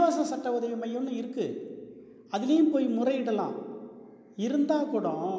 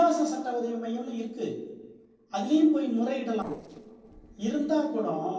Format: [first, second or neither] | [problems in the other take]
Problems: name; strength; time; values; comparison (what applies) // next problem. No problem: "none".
first | noise reduction (neural separator model SepFormer DNS4)